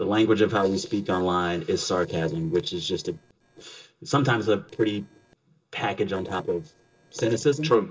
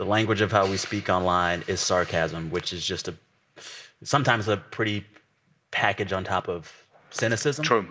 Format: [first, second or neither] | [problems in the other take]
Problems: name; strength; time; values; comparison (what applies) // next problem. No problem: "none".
second | noise reduction (neural separator model SepFormer DNS4)